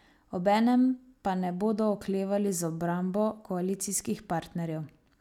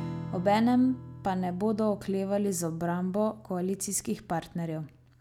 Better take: first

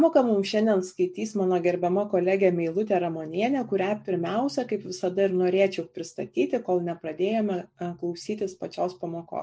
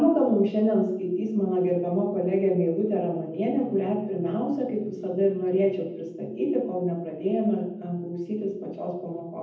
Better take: first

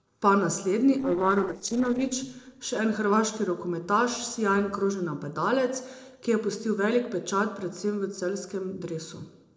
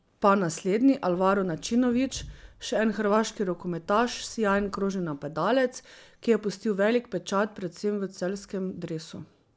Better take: second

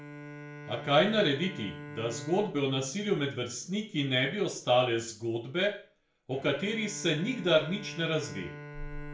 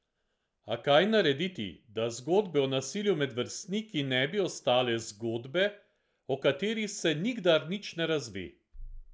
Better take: second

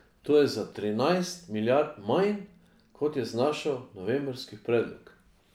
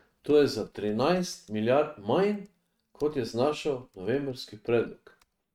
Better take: first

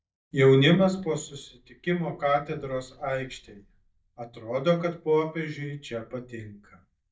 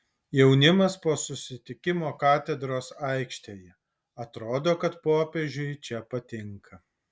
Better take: second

